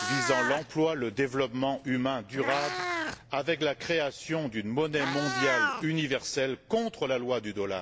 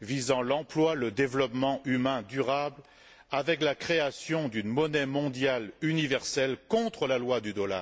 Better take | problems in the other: second | background sound (Meow); 6 dB below the speech

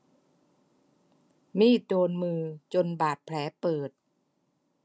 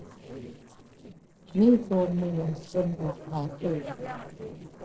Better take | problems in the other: first | noise reduction (neural separator model SepFormer DNS4)

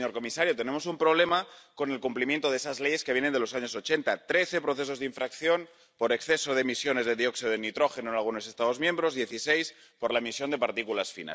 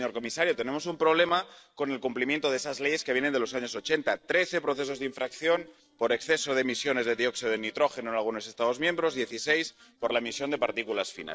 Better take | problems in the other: first | noise reduction (neural separator model SepFormer DNS4)

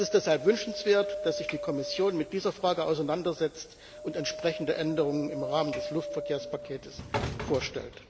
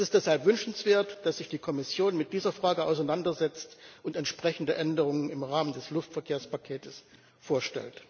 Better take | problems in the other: second | background sound (Wind + Sliding door / Train); 8 dB below the speech

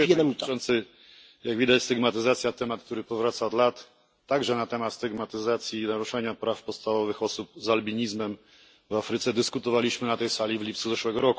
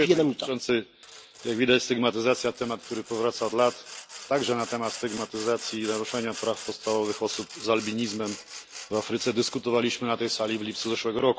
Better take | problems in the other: first | background sound (Sawing); 16 dB below the speech

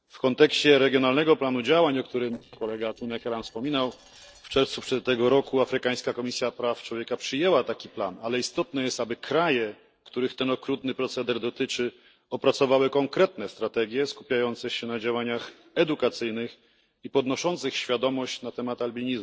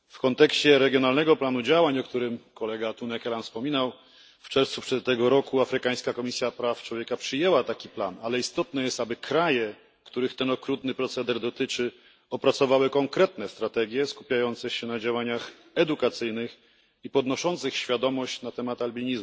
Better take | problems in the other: second | noise reduction (neural separator model SepFormer DNS4)

